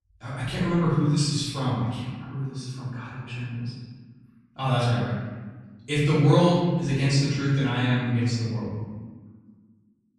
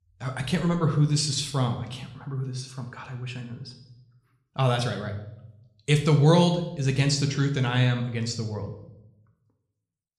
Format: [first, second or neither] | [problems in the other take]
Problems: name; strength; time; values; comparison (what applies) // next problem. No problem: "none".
second | room echo; strong; dies away in 1.5 s; slight in the second // off-mic speech; far